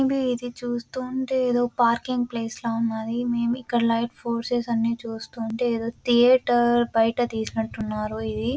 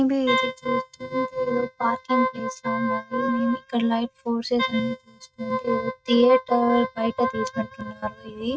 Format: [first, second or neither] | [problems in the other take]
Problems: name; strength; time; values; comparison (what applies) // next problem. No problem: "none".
first | noise reduction (neural mask model RNNoise)